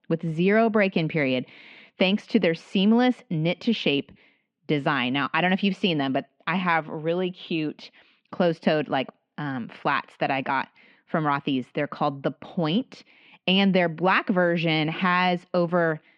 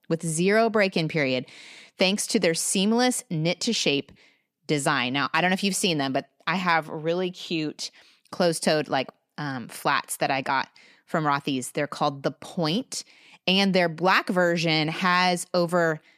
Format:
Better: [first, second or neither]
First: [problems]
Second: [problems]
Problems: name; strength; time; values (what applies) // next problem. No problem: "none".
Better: second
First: muffled; slightly; fading above 3 kHz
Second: none